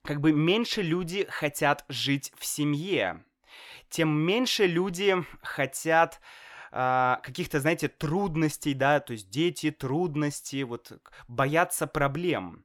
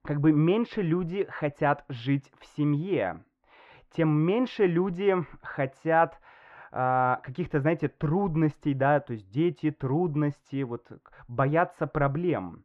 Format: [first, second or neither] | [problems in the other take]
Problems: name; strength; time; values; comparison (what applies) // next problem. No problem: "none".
first | muffled; very; fading above 1.5 kHz